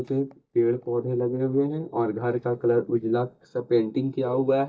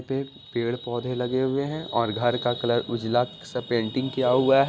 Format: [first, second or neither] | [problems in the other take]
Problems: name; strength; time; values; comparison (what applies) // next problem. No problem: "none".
second | noise reduction (neural mask model DeepFilterNet 3)